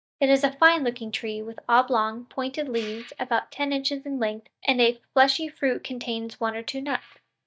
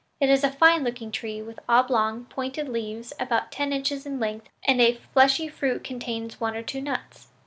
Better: second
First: noise reduction (neural mask model DeepFilterNet 3)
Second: none

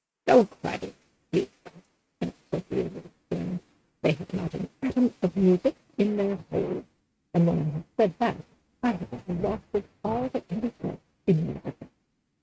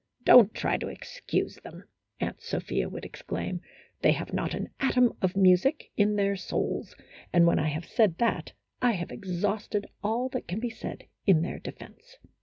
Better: second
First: noise reduction (neural mask model RNNoise)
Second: none

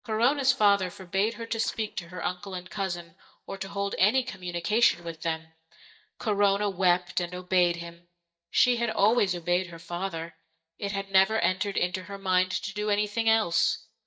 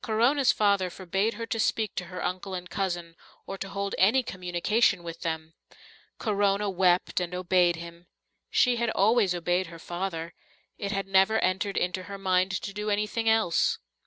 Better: second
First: noise reduction (neural mask model DeepFilterNet 3)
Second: none

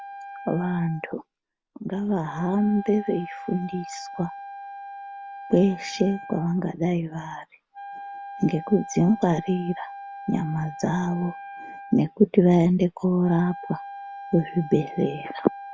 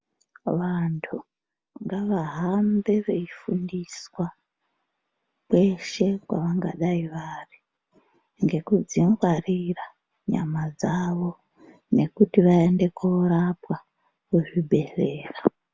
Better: second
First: background sound (Wind instrument, woodwind instrument); 14 dB below the speech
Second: none

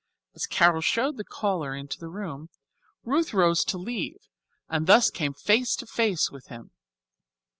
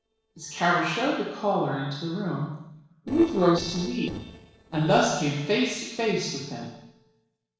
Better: first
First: none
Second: noise reduction (neural separator model SepFormer DNS4)

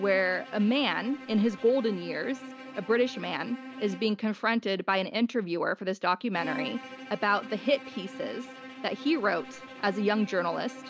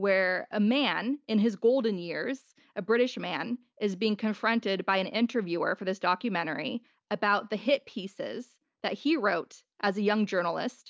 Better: second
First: background sound (Bowed string instrument); 14 dB below the speech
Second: none

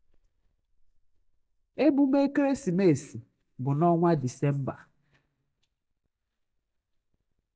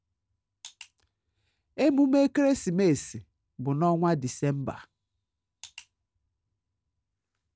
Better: second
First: noise reduction (neural mask model DeepFilterNet 3)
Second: none

